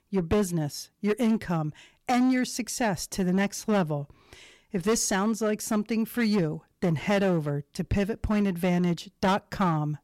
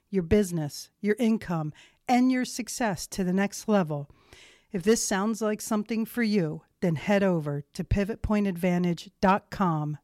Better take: second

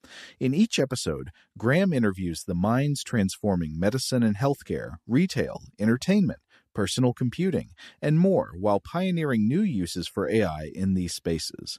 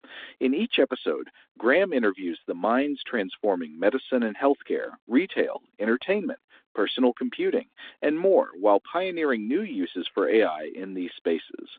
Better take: first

